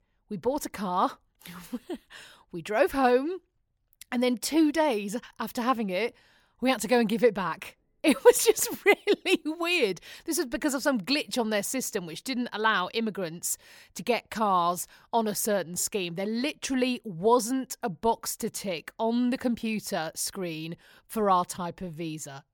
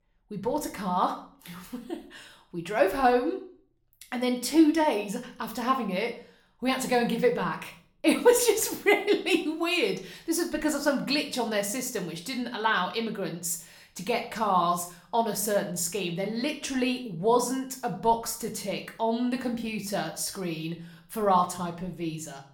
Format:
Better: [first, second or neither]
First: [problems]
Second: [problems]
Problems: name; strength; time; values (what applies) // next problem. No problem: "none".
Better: first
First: none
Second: room echo; slight; dies away in 0.4 s // off-mic speech; somewhat distant